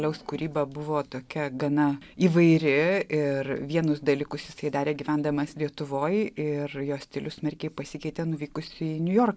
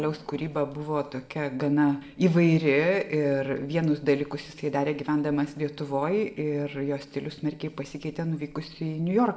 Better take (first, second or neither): first